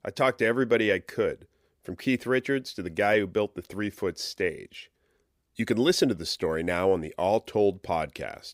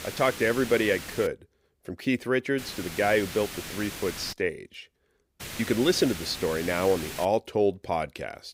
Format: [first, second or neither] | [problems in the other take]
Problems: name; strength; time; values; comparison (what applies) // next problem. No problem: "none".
first | hiss; noticeable; until 1.5 s, from 2.5 to 4.5 s and from 5.5 to 7.5 s; 10 dB below the speech